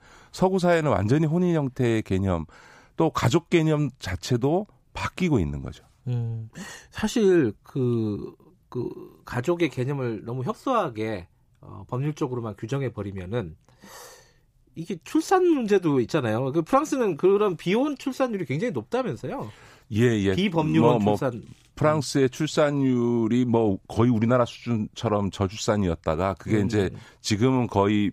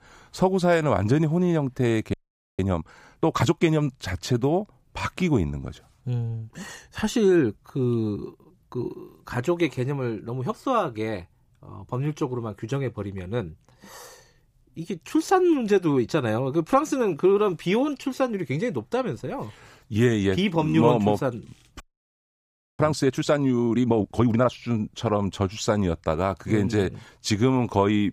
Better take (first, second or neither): first